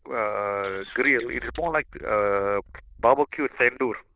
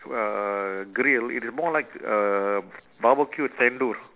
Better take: second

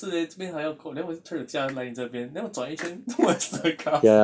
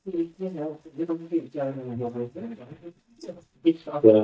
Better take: first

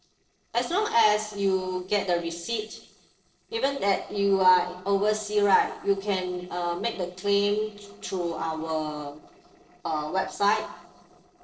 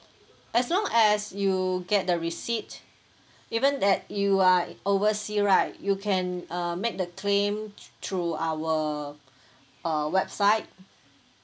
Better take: second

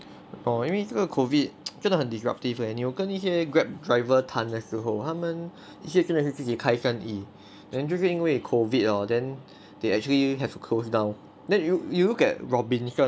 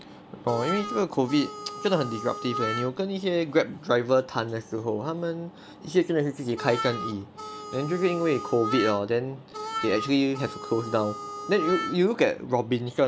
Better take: first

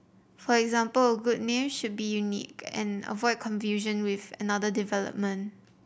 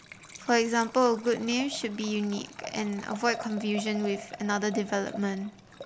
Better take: first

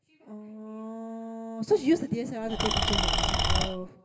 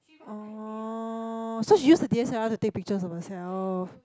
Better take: second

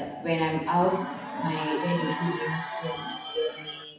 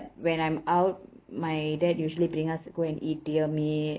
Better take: second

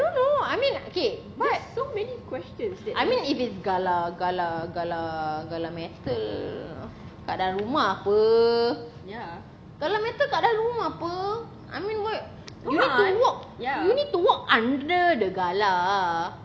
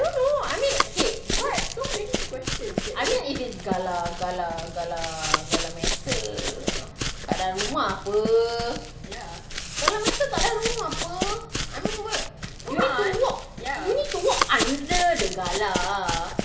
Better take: first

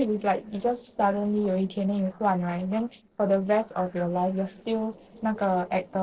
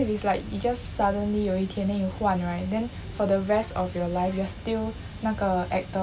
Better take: second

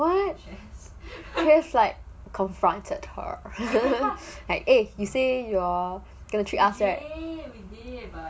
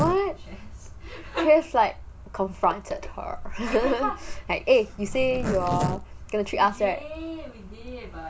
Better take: first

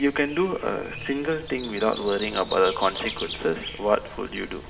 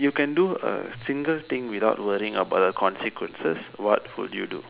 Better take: second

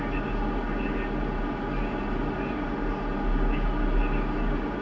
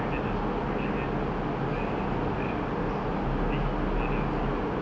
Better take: second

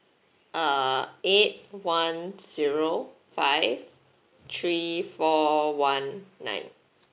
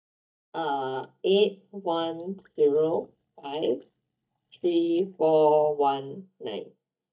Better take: first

